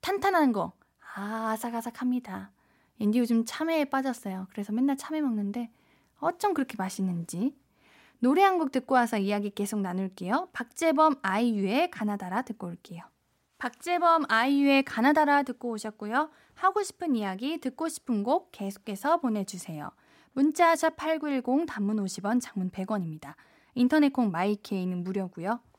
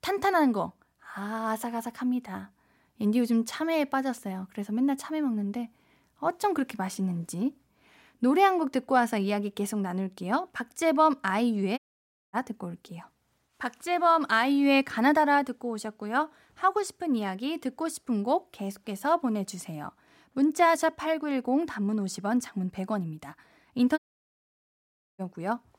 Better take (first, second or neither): first